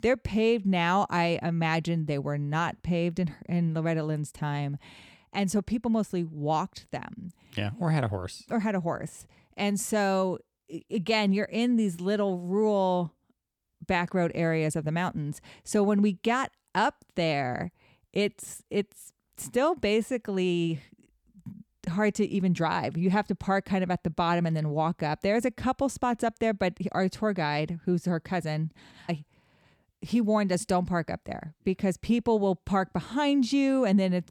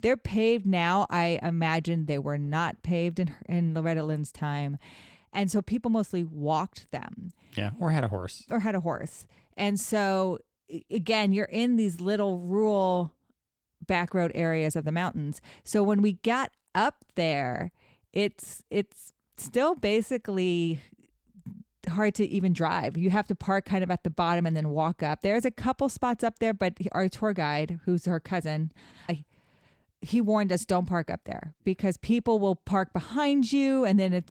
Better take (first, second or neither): first